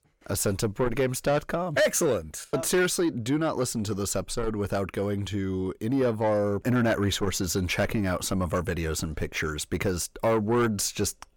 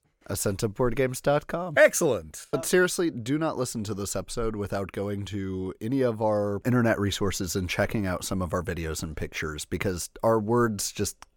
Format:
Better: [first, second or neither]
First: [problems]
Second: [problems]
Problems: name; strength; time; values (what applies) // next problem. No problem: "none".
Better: second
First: distortion; slight; 10 dB below the speech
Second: none